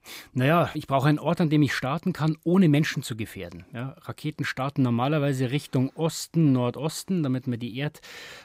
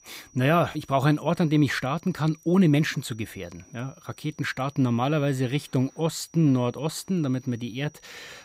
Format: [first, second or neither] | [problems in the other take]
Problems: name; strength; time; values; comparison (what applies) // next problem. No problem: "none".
first | high-pitched whine; faint; throughout; 6 kHz, 30 dB below the speech